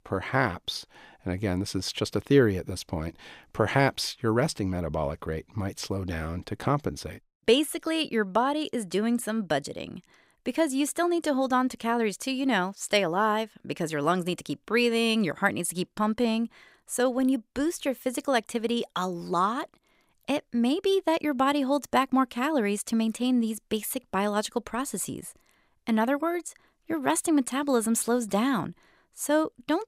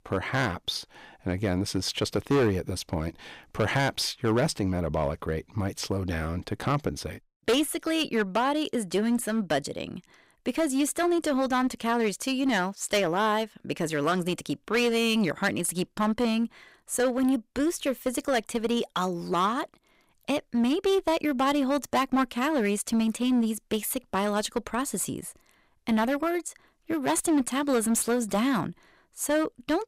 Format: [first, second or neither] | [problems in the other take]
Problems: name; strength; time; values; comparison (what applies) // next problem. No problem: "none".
first | distortion; slight; 8% of the sound clipped